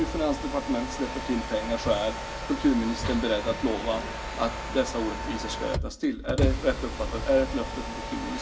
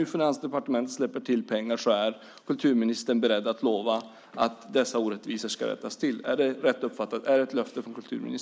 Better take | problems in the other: second | background sound (Mechanisms); 4 dB below the speech // room echo; dies away in 0.1 s

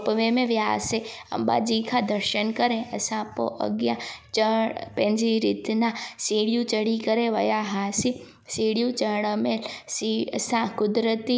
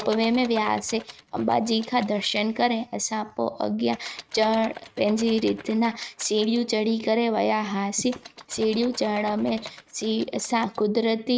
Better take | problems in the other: first | noise reduction (neural mask model RNNoise)

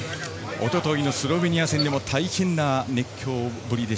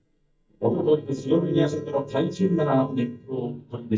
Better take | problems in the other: first | noise reduction (neural mask model DeepFilterNet 3)

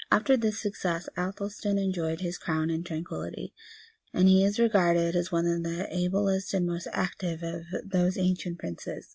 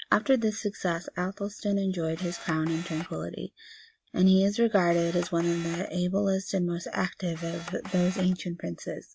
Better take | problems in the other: first | background sound (Camera); 16 dB below the speech

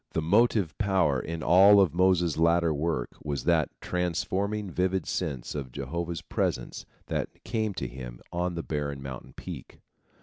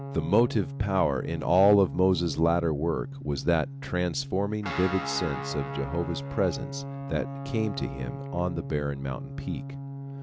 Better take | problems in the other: first | background sound (Guitar); 8 dB below the speech

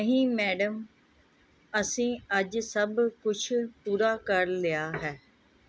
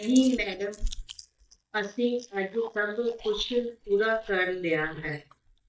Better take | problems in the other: first | noise reduction (neural mask model DeepFilterNet 3)

